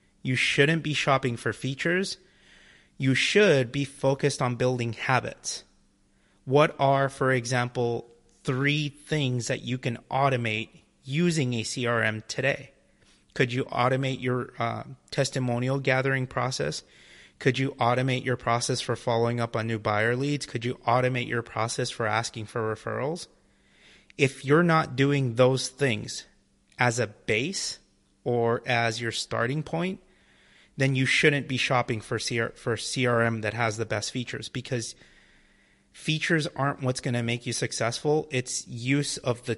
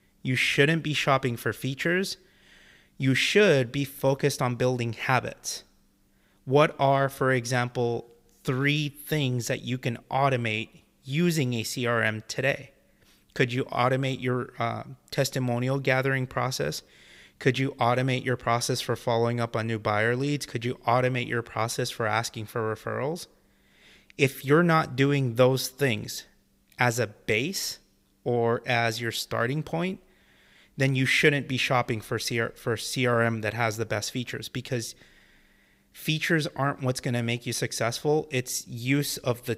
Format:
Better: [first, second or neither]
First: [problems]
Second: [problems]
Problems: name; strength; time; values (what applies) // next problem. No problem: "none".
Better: second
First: garbled, watery; slightly; nothing above 11 kHz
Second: none